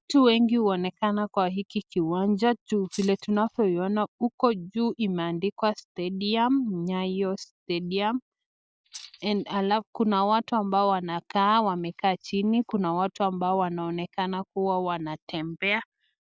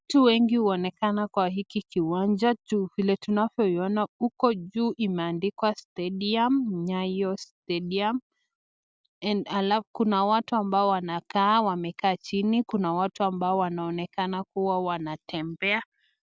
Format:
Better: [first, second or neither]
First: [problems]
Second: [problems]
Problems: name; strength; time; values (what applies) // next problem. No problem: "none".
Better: second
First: noise reduction (neural mask model DeepFilterNet 3)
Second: none